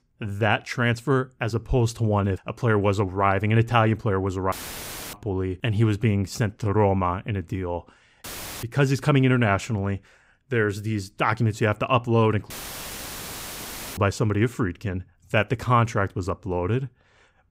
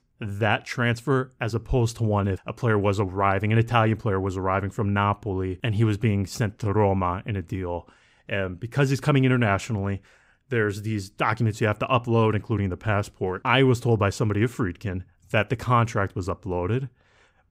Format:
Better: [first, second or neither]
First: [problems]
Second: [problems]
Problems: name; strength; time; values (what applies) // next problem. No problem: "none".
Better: second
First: audio cutting out; filled with static; at 4.5 s for 0.5 s, at 8 s and at 13 s for 1.5 s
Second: none